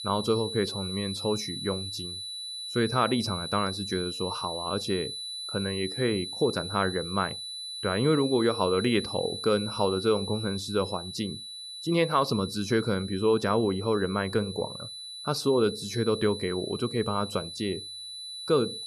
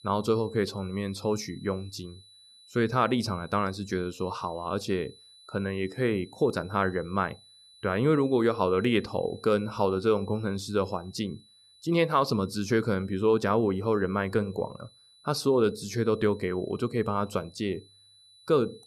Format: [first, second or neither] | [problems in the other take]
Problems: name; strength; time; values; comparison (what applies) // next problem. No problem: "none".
second | high-pitched whine; loud; throughout; 4 kHz, 7 dB below the speech; faint in the second